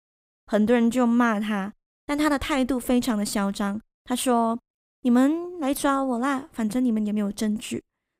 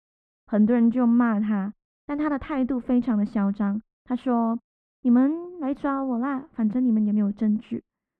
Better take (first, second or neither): first